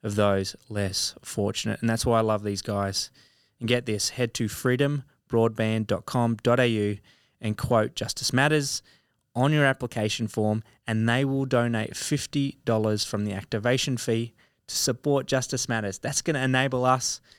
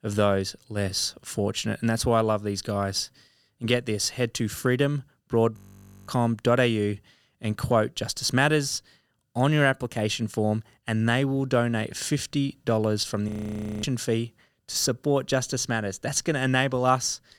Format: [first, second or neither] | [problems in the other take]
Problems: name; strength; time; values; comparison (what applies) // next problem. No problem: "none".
first | audio freezing; at 5.5 s for 0.5 s and at 13 s for 0.5 s